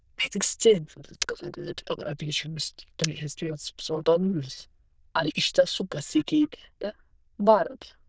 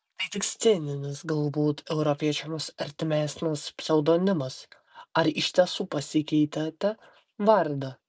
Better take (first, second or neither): second